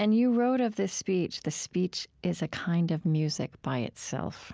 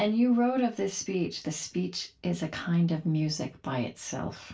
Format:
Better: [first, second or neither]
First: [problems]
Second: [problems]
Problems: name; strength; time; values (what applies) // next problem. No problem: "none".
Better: first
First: none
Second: room echo; dies away in 0.2 s